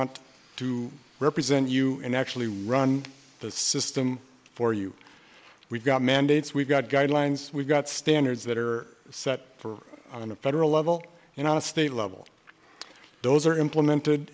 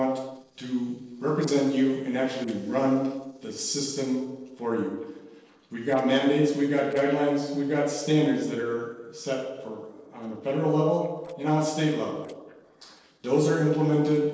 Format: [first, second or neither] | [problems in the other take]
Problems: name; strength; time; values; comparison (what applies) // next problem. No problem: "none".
first | noise reduction (neural separator model SepFormer DNS4)